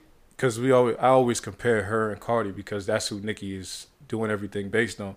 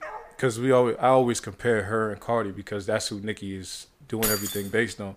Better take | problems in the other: first | dog barking; faint; at the start; peak 15 dB below the speech // jangling keys; noticeable; at 4 s; peak level with the speech

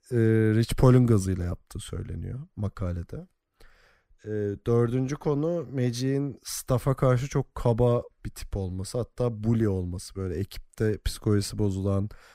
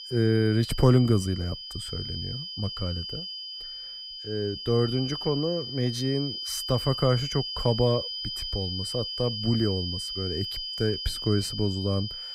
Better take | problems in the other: first | high-pitched whine; loud; throughout; 5 kHz, 5 dB below the speech

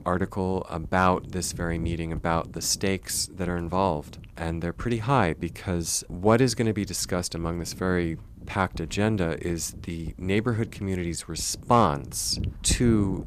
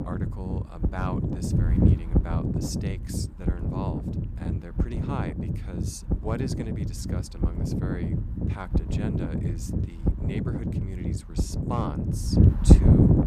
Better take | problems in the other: first | wind noise on the microphone; heavy; 4 dB above the speech; occasional gusts in the first

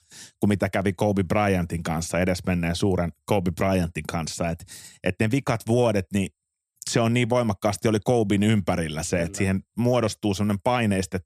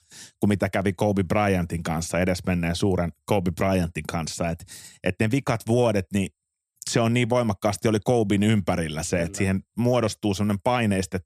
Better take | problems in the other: neither | none

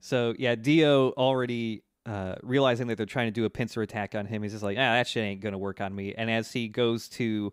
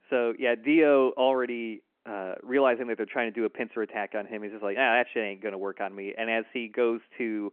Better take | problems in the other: first | phone-call audio

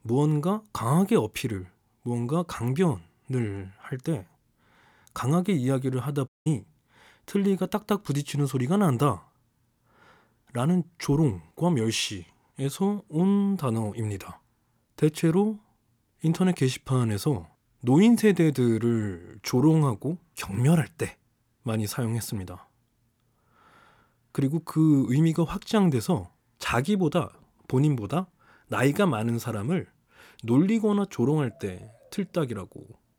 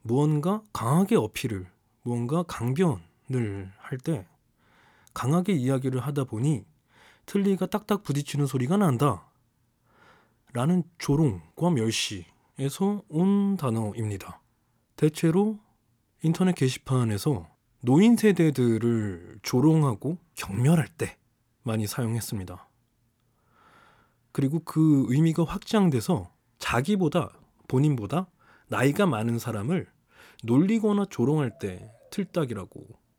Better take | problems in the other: second | audio cutting out; at 6.5 s

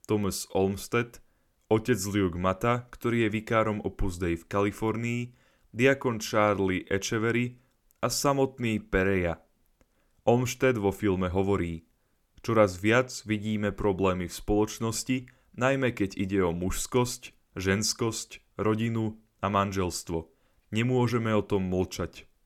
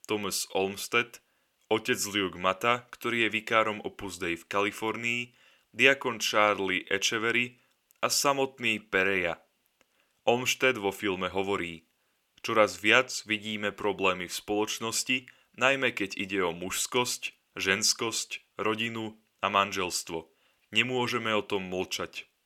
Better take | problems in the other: first | thin; somewhat; fading below 650 Hz

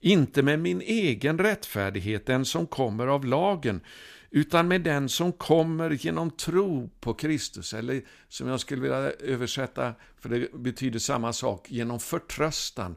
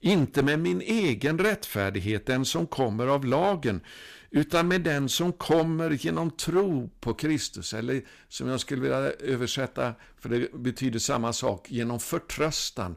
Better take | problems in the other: first | distortion; slight; 4% of the sound clipped

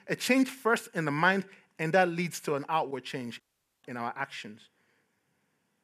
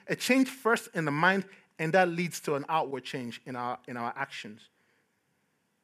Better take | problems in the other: second | audio cutting out; at 3.5 s

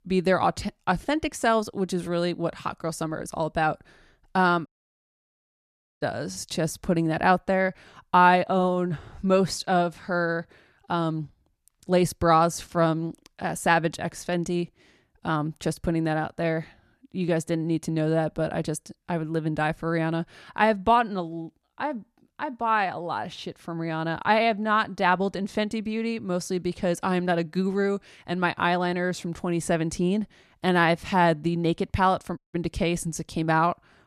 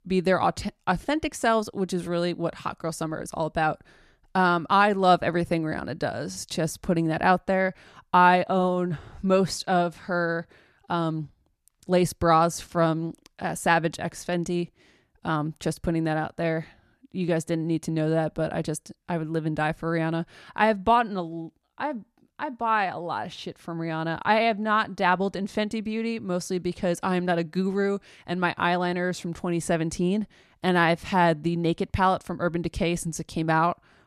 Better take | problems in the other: second | audio cutting out; at 4.5 s for 1.5 s and at 32 s

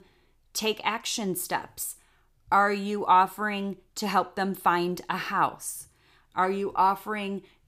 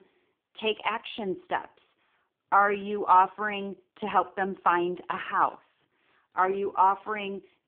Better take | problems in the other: first | phone-call audio; poor line

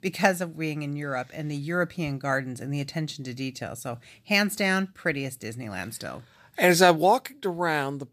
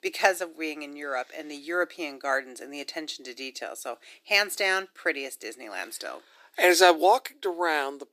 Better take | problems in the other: first | thin; very; fading below 350 Hz

